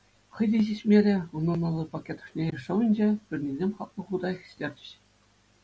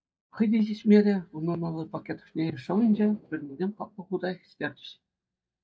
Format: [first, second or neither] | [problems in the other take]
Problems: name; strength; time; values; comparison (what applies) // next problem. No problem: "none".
first | noise reduction (neural mask model DeepFilterNet 3)